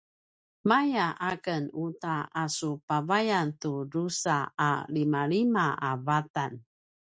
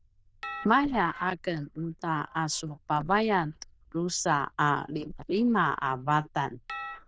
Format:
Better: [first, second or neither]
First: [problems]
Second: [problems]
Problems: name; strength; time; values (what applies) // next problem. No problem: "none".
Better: first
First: none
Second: noise reduction (neural diffusion model UNIVERSE++)